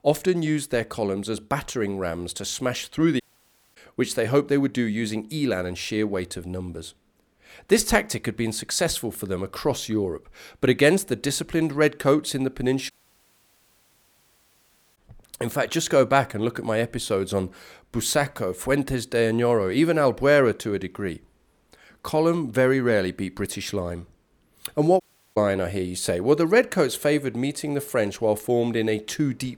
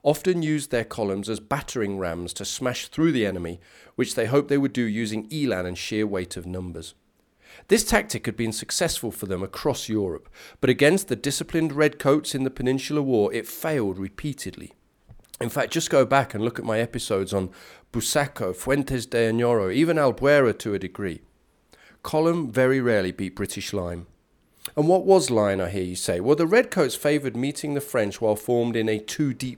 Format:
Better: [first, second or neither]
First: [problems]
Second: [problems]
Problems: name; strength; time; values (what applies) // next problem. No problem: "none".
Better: second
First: audio cutting out; at 3 s for 0.5 s, at 13 s for 2 s and at 25 s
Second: none